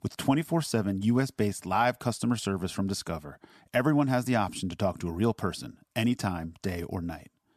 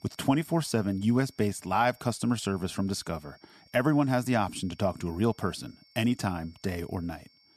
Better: first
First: none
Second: high-pitched whine; faint; throughout; 5.5 kHz, 30 dB below the speech

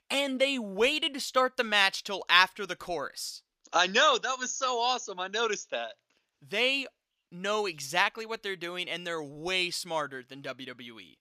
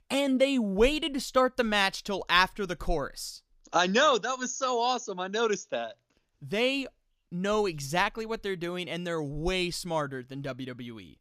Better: second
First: thin; very slightly; fading below 550 Hz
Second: none

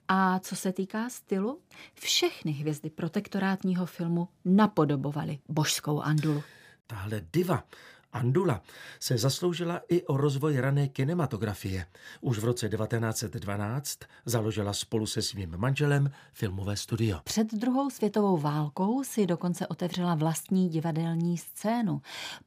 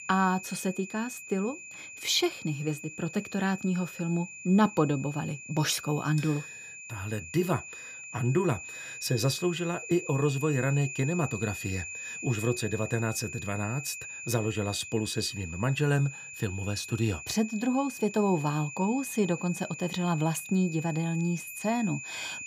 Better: first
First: none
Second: high-pitched whine; loud; throughout; 2.5 kHz, 10 dB below the speech

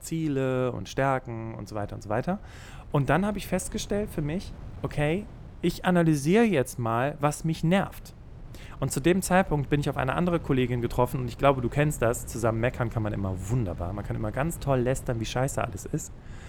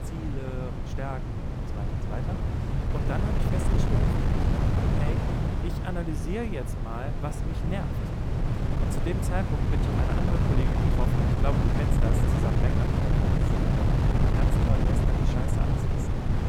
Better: first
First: wind noise on the microphone; occasional gusts; 25 dB below the speech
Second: wind noise on the microphone; heavy; 4 dB above the speech

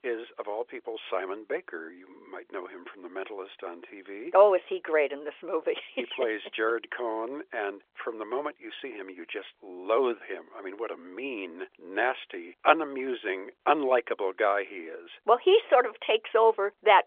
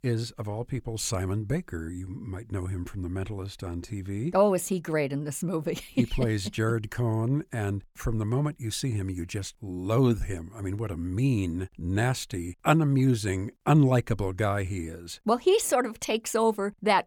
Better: second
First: phone-call audio; nothing above 3.5 kHz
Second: none

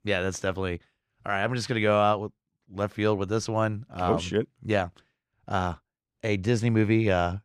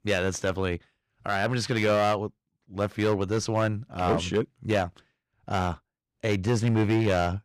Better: first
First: none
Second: distortion; slight; 6% of the sound clipped

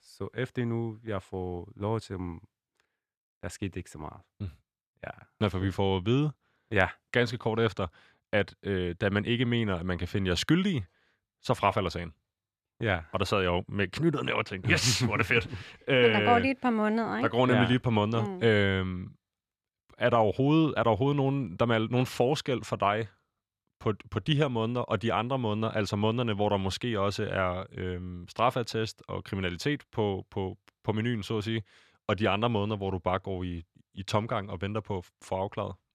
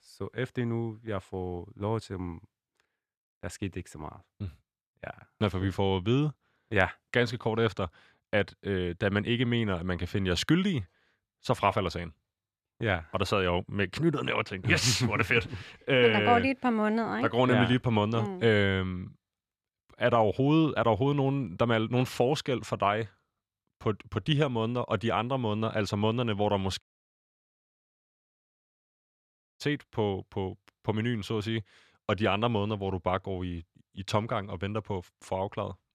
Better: first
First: none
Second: audio cutting out; at 27 s for 3 s

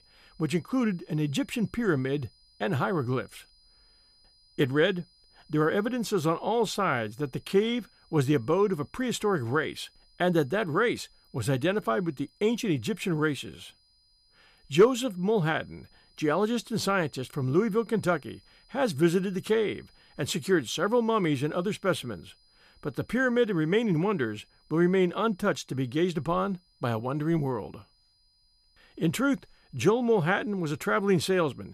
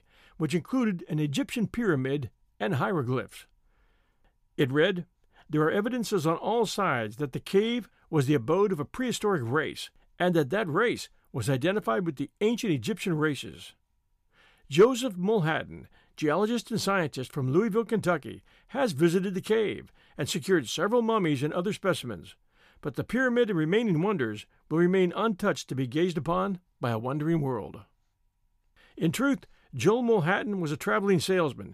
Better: second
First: high-pitched whine; faint; throughout; 5 kHz, 35 dB below the speech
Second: none

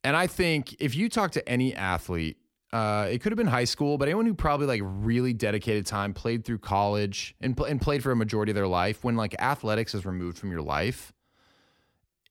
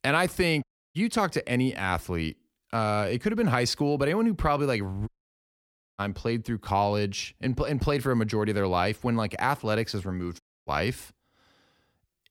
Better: first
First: none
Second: audio cutting out; at 0.5 s, at 5 s for 1 s and at 10 s

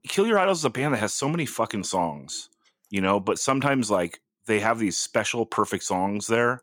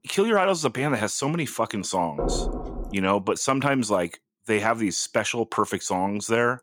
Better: first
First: none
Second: door banging; noticeable; at 2 s; peak 4 dB below the speech

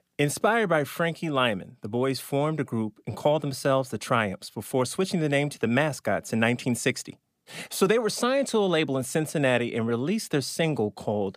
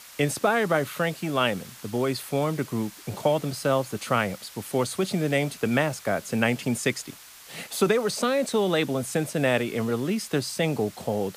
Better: first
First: none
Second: hiss; noticeable; throughout; 20 dB below the speech

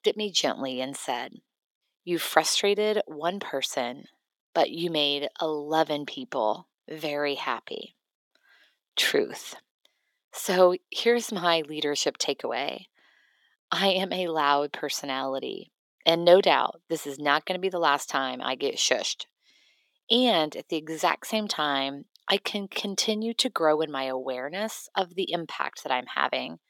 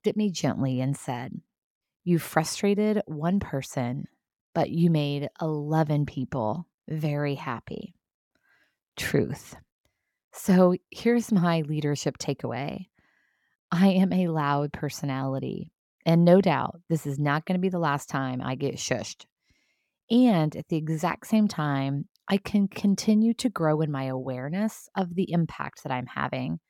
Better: second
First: thin; somewhat; fading below 350 Hz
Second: none

